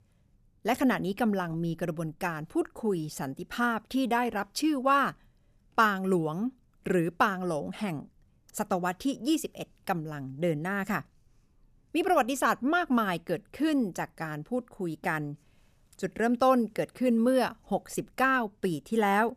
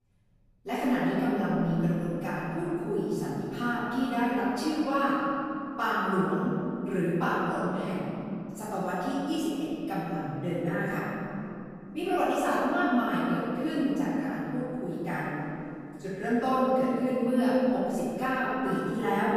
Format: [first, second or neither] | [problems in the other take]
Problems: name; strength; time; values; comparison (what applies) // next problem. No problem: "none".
first | room echo; strong; dies away in 2.8 s // off-mic speech; far